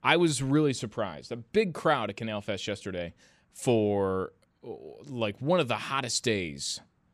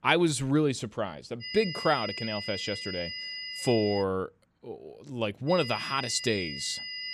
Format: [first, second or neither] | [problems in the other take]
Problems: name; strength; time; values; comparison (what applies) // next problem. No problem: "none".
first | high-pitched whine; loud; from 1.5 to 4 s and from 5.5 s on; 5 kHz, 7 dB below the speech